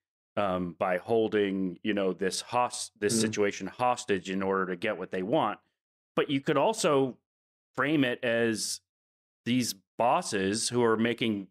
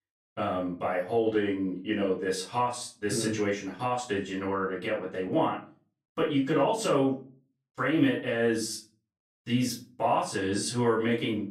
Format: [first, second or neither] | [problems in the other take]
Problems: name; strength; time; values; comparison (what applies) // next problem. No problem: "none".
first | off-mic speech; far // room echo; slight; dies away in 0.3 s